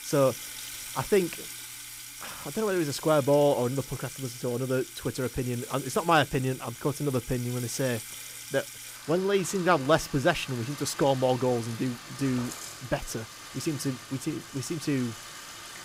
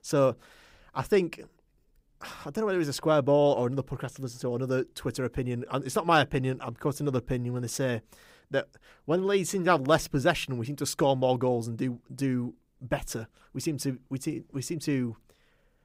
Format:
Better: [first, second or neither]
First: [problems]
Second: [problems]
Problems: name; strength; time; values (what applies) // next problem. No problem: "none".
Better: second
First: household noises; noticeable; throughout; 10 dB below the speech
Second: none